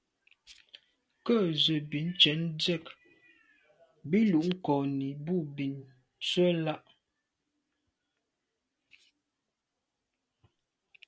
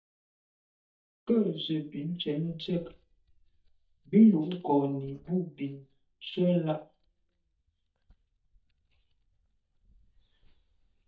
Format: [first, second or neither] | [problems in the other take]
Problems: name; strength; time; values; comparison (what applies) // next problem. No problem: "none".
first | noise reduction (neural mask model DeepFilterNet 3)